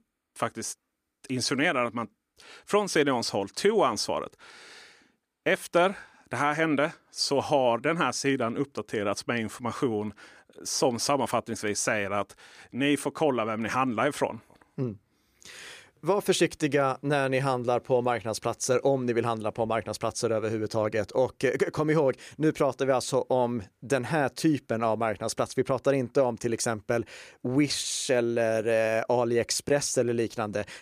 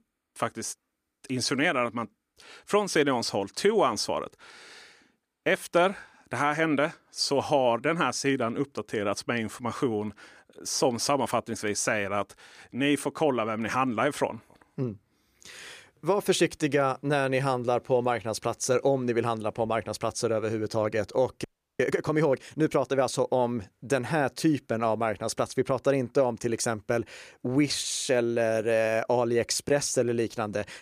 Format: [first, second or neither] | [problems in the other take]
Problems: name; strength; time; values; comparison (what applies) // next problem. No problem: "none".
first | audio freezing; at 21 s